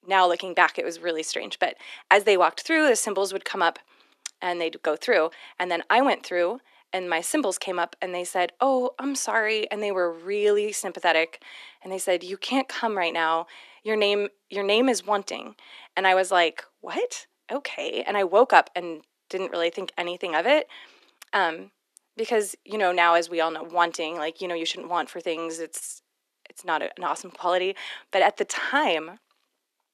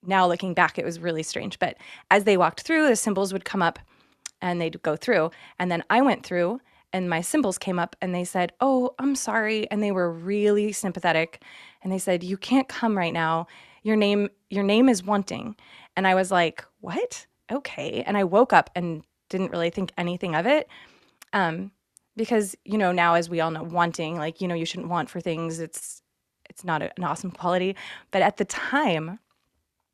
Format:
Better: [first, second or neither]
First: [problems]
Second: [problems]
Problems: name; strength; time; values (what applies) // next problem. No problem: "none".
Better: second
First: thin; somewhat; fading below 300 Hz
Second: none